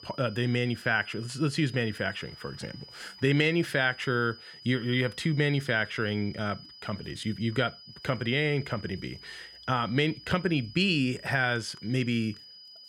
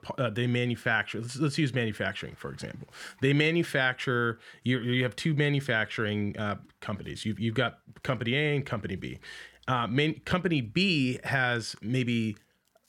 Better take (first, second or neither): second